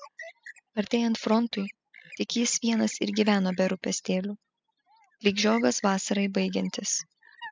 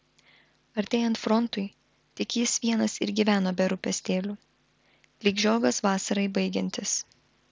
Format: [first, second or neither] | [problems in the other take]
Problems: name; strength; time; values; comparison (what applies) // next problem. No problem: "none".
second | noise reduction (classical method spectral subtraction)